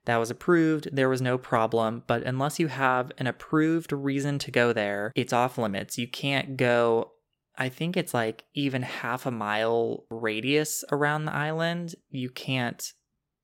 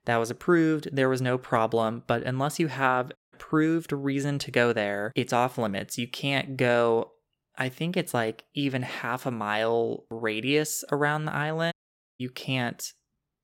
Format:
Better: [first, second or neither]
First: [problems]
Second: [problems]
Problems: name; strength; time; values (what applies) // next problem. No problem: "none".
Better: first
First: none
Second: audio cutting out; at 3 s and at 12 s